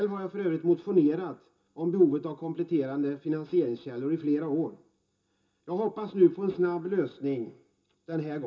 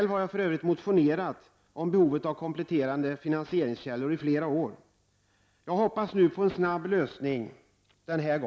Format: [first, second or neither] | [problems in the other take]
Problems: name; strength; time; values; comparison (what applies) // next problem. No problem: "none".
second | room echo; dies away in 0.2 s